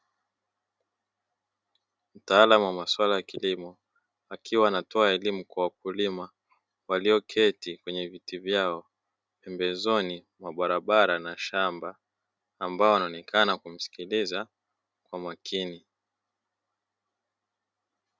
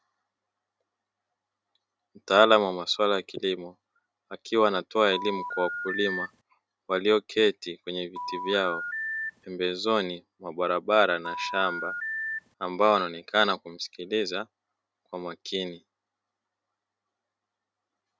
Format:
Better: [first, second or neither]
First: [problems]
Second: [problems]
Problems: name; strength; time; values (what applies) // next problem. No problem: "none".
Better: first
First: none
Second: background sound (Telephone); 5 dB below the speech